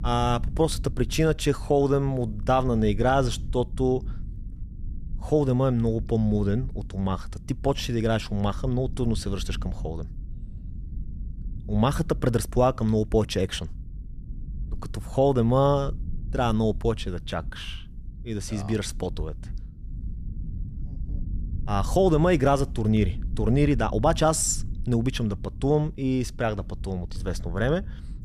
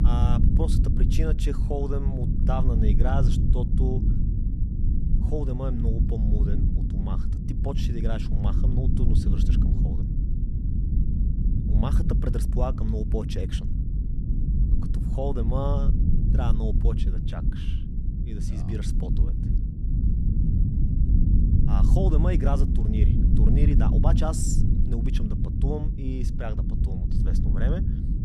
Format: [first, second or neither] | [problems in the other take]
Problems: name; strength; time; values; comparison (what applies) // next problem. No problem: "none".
first | low rumble; loud; throughout; 3 dB below the speech; faint in the first